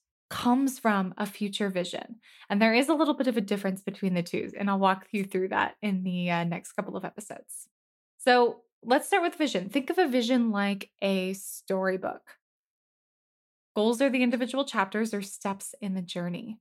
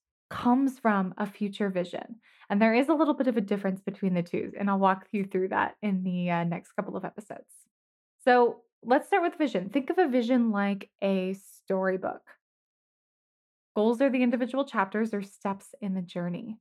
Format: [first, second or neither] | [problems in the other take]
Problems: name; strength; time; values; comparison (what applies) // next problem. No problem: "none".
first | muffled; slightly; fading above 3 kHz